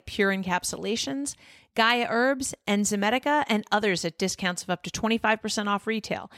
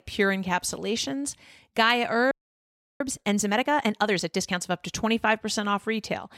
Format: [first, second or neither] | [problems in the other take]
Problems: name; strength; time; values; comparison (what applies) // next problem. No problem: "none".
first | audio freezing; at 2.5 s for 0.5 s